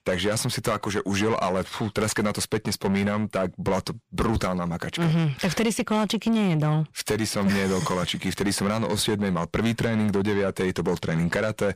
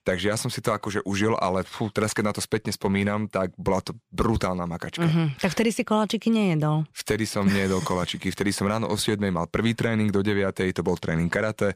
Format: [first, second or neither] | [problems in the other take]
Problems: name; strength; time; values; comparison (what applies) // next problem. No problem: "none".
second | distortion; slight; 10 dB below the speech